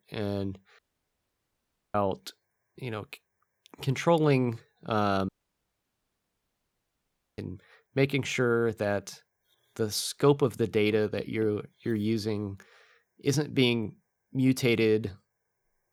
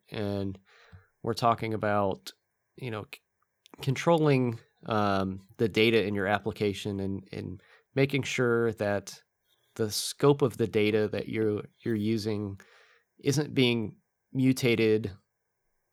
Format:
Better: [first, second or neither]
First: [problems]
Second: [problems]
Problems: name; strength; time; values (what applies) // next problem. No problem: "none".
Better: second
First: audio cutting out; at 1 s for 1 s and at 5.5 s for 2 s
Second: none